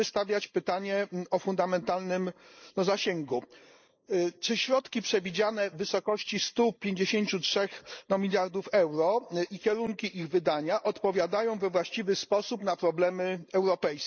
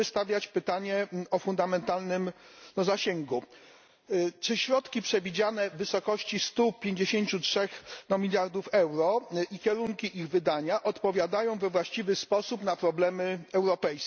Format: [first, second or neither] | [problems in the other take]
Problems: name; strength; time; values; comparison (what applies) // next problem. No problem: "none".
second | noise reduction (neural mask model Resemble Enhance denoiser)